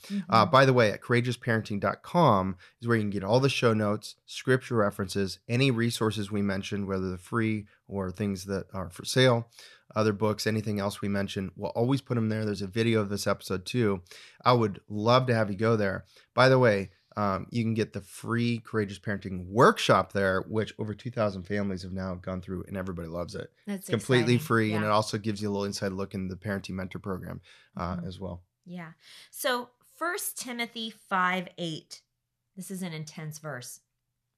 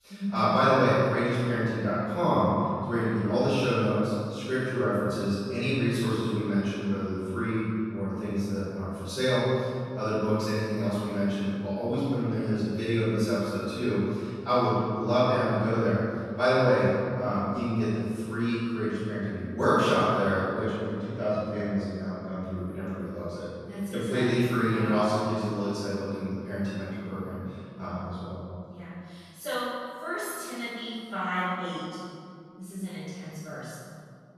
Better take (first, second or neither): first